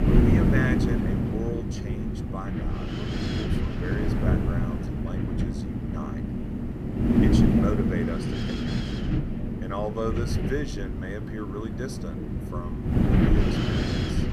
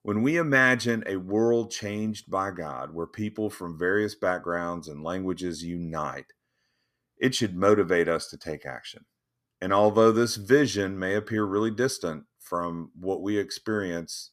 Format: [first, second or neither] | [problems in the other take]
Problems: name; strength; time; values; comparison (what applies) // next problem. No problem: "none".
second | wind noise on the microphone; heavy; 3 dB above the speech